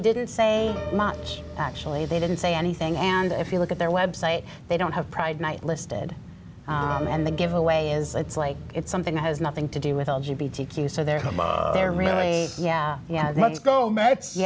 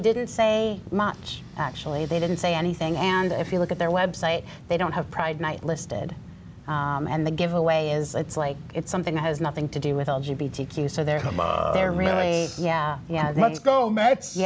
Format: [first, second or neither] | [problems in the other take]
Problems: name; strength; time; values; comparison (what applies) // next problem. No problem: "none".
second | background sound (Piano); 14 dB below the speech